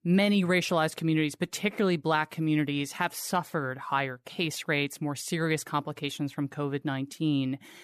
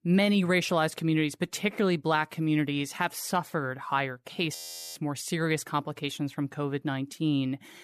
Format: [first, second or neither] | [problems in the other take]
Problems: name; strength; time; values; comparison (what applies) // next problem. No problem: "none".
first | audio freezing; at 4.5 s